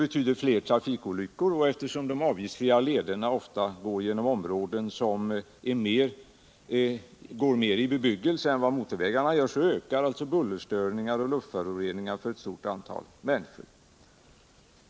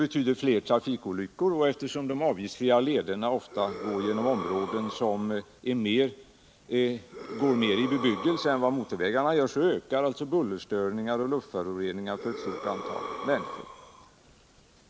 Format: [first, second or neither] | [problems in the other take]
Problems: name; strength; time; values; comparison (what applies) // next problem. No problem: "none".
first | background sound (Breathing); 11 dB below the speech